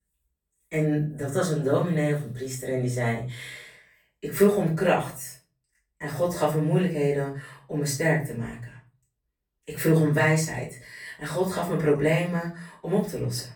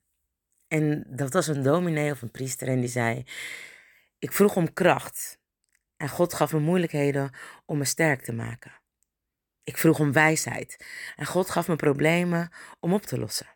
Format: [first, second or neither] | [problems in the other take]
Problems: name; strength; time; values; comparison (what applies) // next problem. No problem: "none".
second | off-mic speech; far // room echo; slight; dies away in 0.4 s